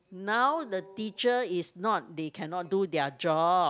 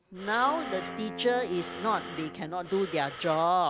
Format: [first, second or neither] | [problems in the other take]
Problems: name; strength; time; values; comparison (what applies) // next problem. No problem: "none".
first | background sound (Wind instrument, woodwind instrument + Breathing); 11 dB below the speech